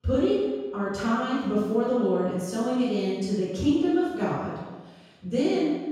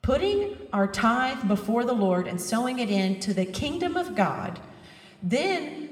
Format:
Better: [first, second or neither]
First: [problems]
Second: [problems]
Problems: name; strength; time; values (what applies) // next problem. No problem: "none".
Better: second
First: room echo; strong; dies away in 1.1 s // off-mic speech; far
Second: room echo; slight; dies away in 1.7 s